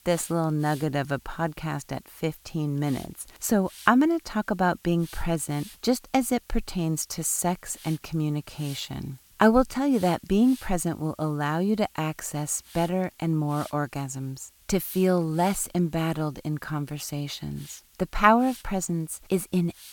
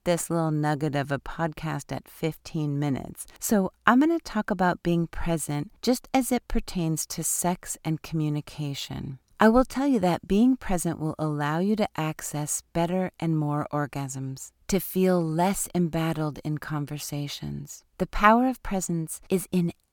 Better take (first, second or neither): second